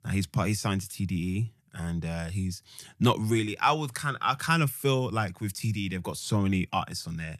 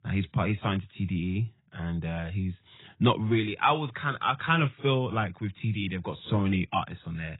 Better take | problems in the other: first | garbled, watery; badly; nothing above 3.5 kHz

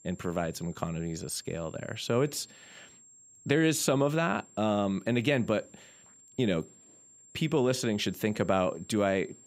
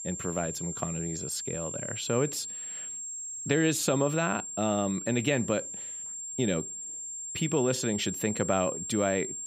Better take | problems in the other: first | high-pitched whine; loud; throughout; 7.5 kHz, 5 dB below the speech; faint in the first

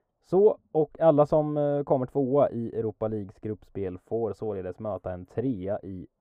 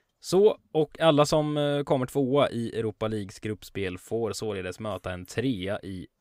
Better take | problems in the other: second | muffled; very; fading above 1.5 kHz

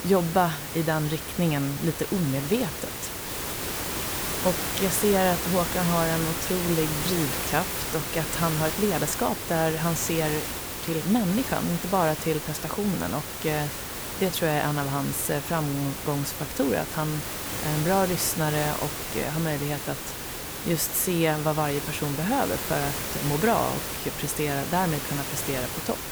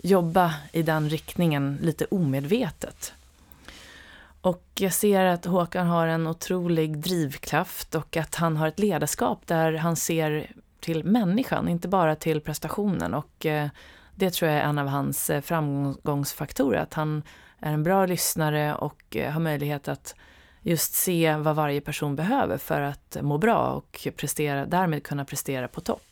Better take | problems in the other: second | hiss; loud; throughout; 3 dB below the speech

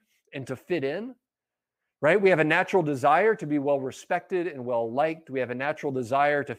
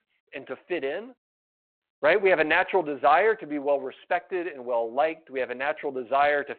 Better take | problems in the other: first | phone-call audio; nothing above 4 kHz

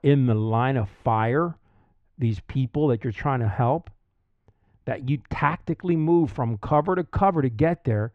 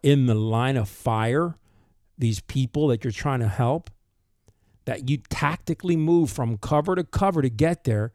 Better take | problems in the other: second | muffled; very; fading above 2 kHz

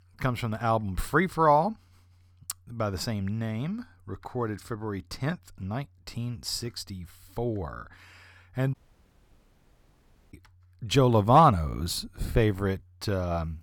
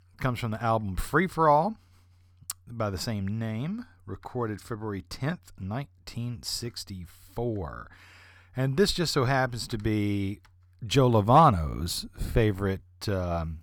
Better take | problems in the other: second | audio cutting out; at 8.5 s for 1.5 s

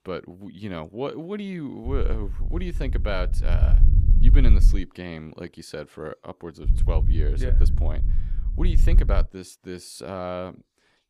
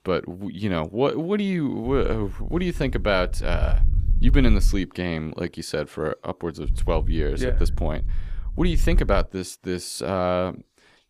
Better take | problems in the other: second | low rumble; loud; from 2 to 5 s and from 6.5 to 9 s; 9 dB below the speech; faint in the second

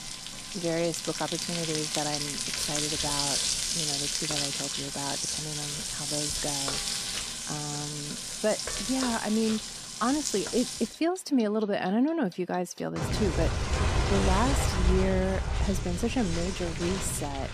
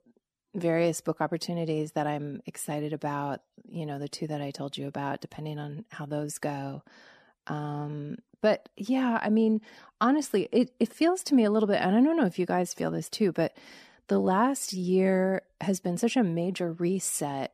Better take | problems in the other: second | household noises; very loud; throughout; 1 dB above the speech

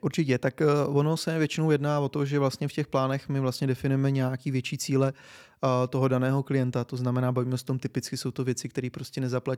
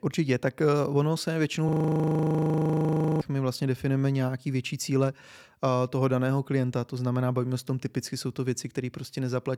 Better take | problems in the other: first | audio freezing; at 1.5 s for 1.5 s

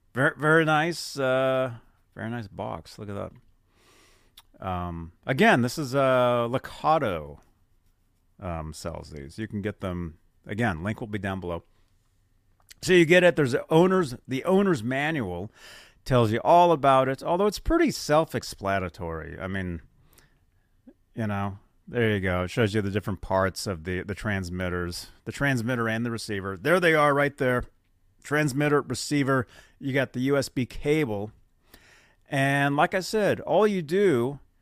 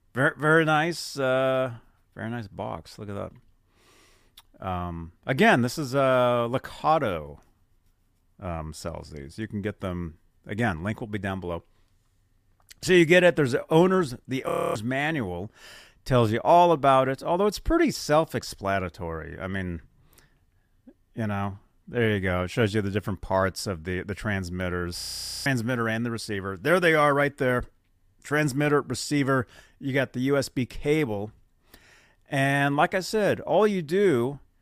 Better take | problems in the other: first | audio freezing; at 14 s and at 25 s

